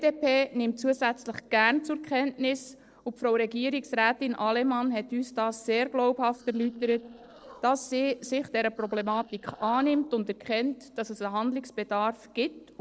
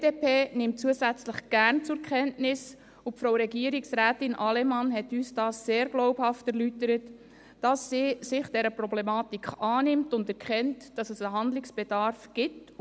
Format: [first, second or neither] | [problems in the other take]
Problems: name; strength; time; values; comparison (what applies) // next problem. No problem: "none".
second | noise reduction (neural separator model SepFormer DNS4)